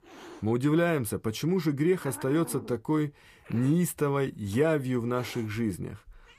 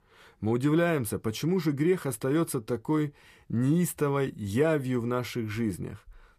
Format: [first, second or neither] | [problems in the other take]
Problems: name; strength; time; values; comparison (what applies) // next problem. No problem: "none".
second | hiss; noticeable; throughout; 20 dB below the speech